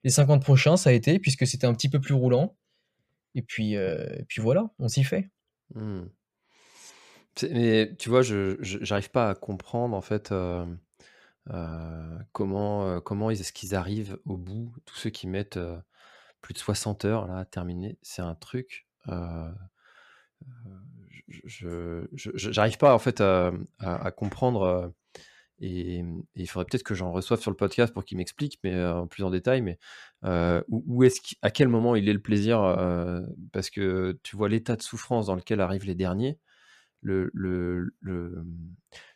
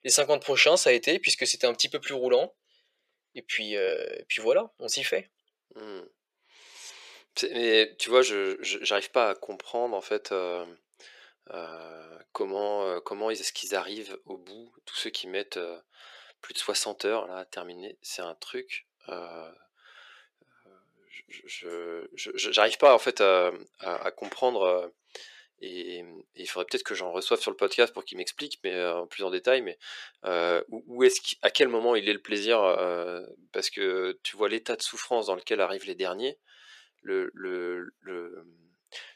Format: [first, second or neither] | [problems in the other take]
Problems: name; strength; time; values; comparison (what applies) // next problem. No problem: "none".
first | thin; very; fading below 400 Hz